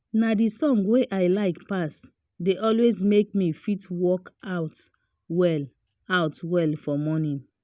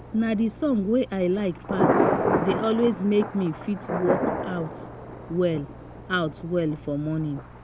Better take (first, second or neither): first